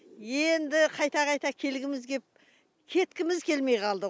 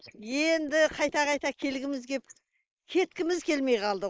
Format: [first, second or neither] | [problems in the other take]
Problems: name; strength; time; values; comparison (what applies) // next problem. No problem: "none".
first | noise reduction (neural mask model Resemble Enhance denoiser)